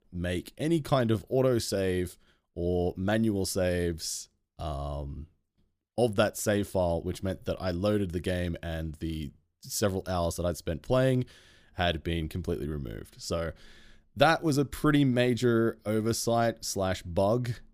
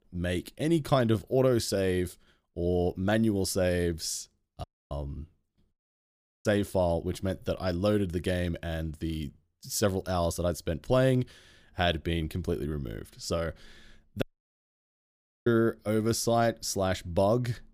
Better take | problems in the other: first | audio cutting out; at 4.5 s, at 5.5 s for 0.5 s and at 14 s for 1 s

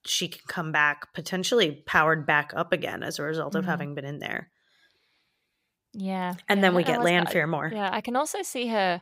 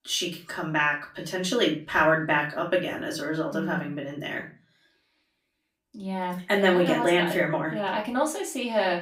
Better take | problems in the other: first | off-mic speech; far // room echo; very slight; dies away in 0.3 s

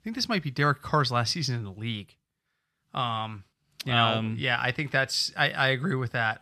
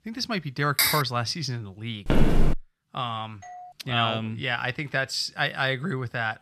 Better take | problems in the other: first | clattering dishes; loud; at 1 s; peak 5 dB above the speech // footsteps; loud; at 2 s; peak 4 dB above the speech // doorbell; faint; at 3.5 s; peak 15 dB below the speech

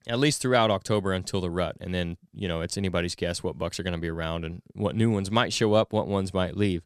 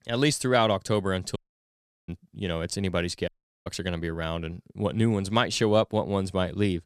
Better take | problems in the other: first | audio cutting out; at 1.5 s for 0.5 s and at 3.5 s

